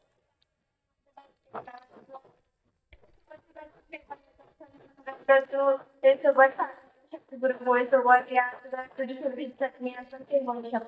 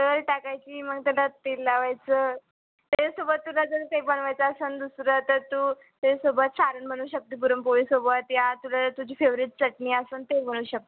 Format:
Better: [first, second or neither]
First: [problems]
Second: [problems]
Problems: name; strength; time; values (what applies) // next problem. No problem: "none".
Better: second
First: noise reduction (neural mask model DeepFilterNet 3)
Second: none